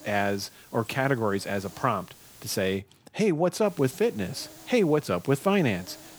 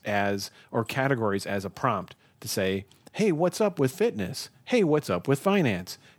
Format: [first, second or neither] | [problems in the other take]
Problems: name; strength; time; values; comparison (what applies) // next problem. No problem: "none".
second | hiss; faint; until 3 s and from 3.5 s on; 20 dB below the speech